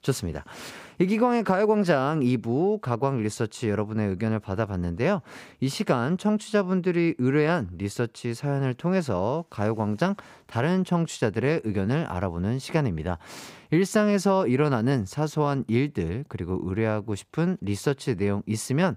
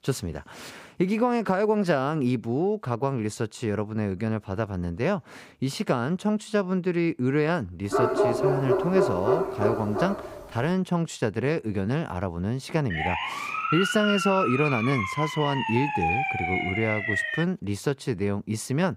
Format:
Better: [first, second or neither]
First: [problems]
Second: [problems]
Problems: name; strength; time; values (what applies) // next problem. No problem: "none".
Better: first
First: none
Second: dog barking; loud; from 8 to 10 s; peak 4 dB above the speech // siren; loud; from 13 to 17 s; peak 2 dB above the speech